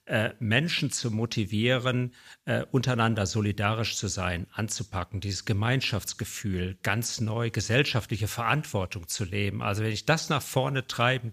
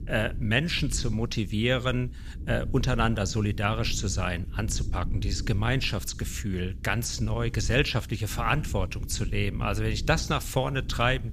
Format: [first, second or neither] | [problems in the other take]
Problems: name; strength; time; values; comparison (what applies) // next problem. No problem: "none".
first | low rumble; faint; throughout; 20 dB below the speech